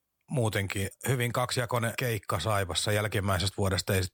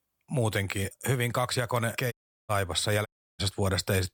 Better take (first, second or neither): first